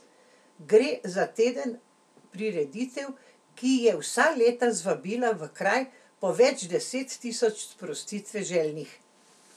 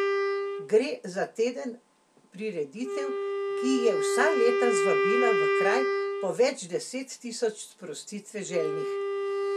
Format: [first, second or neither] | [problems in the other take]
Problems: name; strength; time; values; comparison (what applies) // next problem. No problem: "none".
first | background sound (Wind instrument, woodwind instrument); 1 dB above the speech